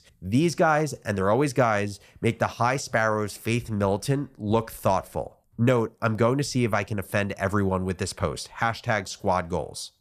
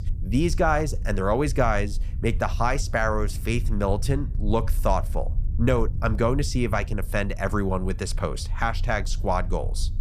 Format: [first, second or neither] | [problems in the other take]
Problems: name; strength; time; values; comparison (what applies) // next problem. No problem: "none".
first | low rumble; faint; throughout; 20 dB below the speech